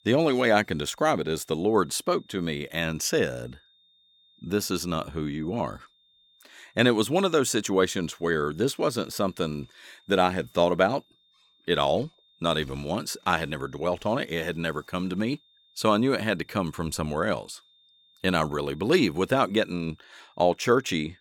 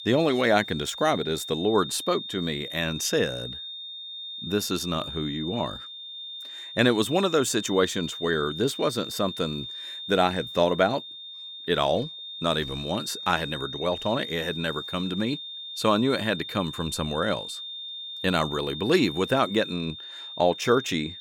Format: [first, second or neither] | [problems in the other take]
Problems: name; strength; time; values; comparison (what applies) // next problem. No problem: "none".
first | high-pitched whine; loud; throughout; 3.5 kHz, 9 dB below the speech; faint in the first